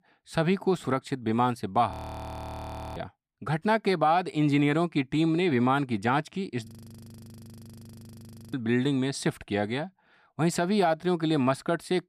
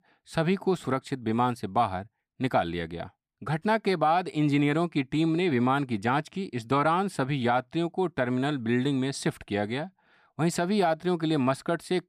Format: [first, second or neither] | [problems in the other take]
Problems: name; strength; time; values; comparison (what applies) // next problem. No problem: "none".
second | audio freezing; at 2 s for 1 s and at 6.5 s for 2 s